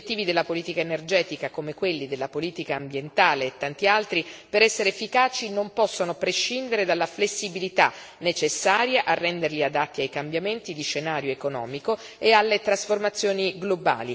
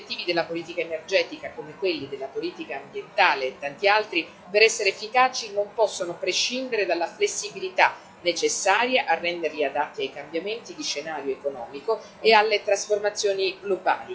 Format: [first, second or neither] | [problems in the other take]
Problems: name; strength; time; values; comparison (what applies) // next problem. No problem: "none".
first | noise reduction (classical method log-MMSE)